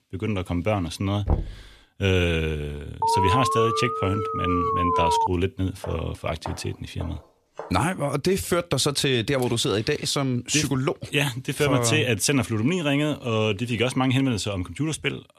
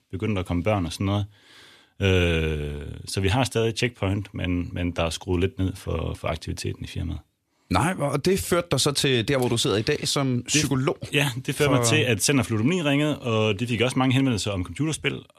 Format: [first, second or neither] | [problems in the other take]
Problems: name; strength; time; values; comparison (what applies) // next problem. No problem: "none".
second | door banging; noticeable; at 1.5 s; peak 3 dB below the speech // alarm; loud; from 3 to 5.5 s; peak 3 dB above the speech // footsteps; faint; from 6 to 7.5 s; peak 15 dB below the speech